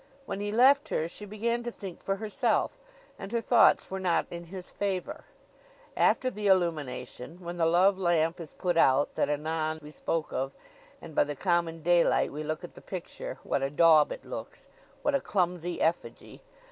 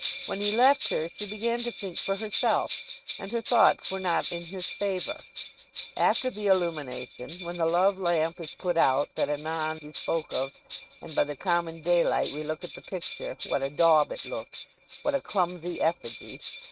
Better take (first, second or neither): first